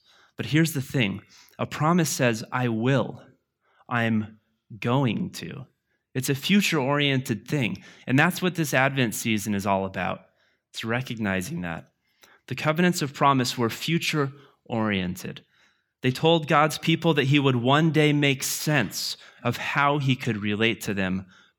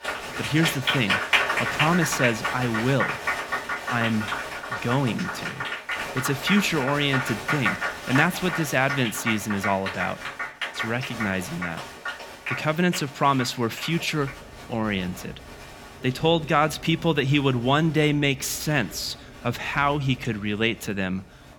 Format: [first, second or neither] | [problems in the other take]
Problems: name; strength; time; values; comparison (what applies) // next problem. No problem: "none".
first | crowd noise; loud; throughout; 3 dB below the speech